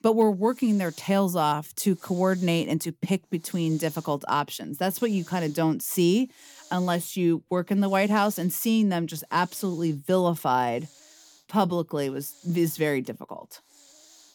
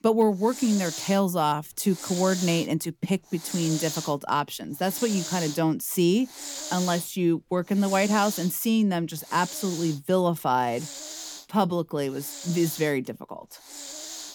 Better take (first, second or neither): first